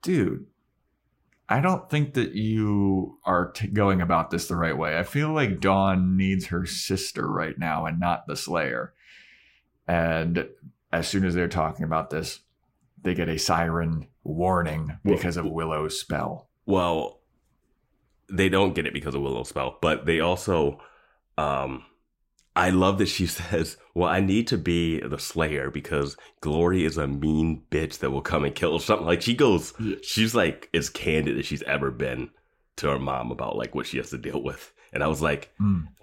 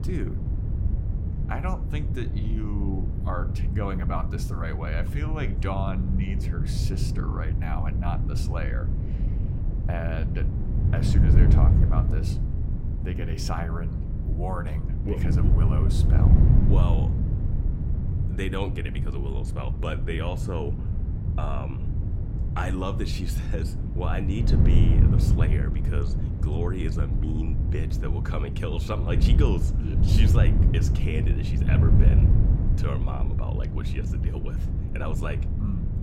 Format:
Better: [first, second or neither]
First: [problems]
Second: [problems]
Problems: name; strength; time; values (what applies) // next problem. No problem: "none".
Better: first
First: none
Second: wind noise on the microphone; heavy; 3 dB below the speech